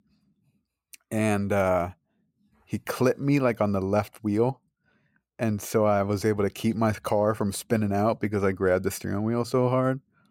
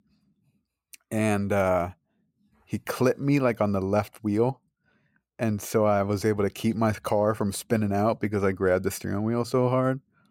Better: neither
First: none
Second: none

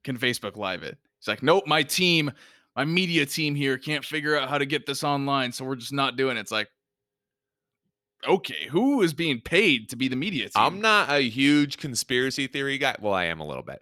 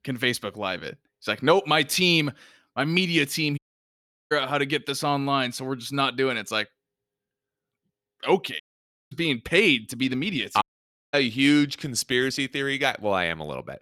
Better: first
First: none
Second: audio cutting out; at 3.5 s for 0.5 s, at 8.5 s for 0.5 s and at 11 s for 0.5 s

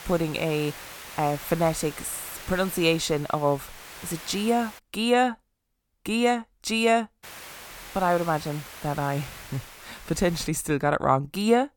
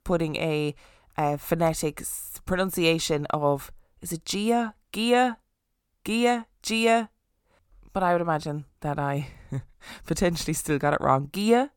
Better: second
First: hiss; noticeable; until 5 s and from 7 to 10 s; 15 dB below the speech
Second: none

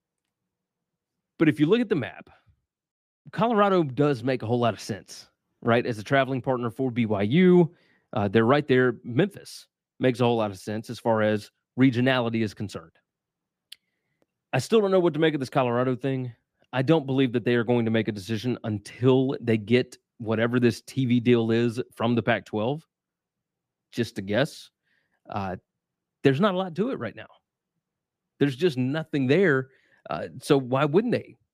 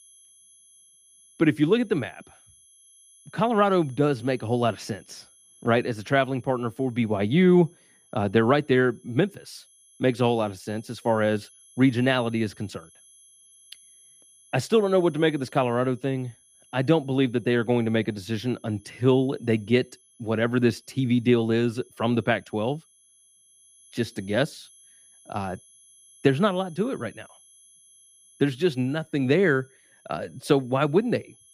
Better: first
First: none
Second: high-pitched whine; faint; throughout; 11 kHz, 30 dB below the speech

